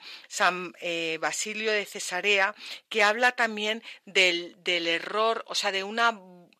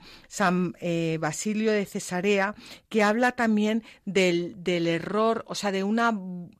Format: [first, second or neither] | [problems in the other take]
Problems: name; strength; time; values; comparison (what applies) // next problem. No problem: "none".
second | thin; very; fading below 500 Hz